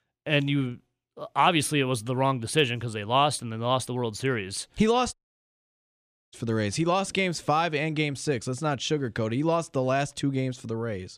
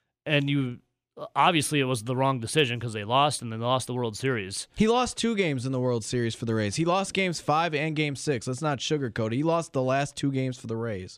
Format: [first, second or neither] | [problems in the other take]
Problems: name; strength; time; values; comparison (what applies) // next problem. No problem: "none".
second | audio cutting out; at 5 s for 1 s